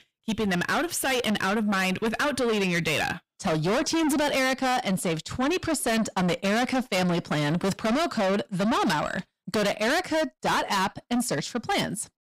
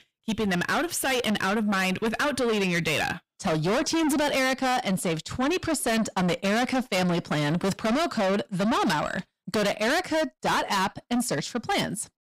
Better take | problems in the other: neither | distortion; heavy; 6 dB below the speech; the same in both

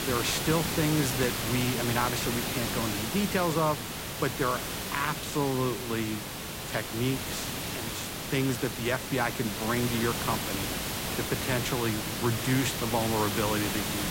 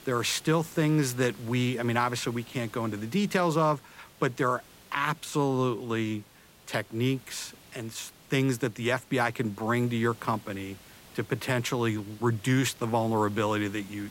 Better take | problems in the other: second | hiss; loud; throughout; 1 dB below the speech; faint in the second

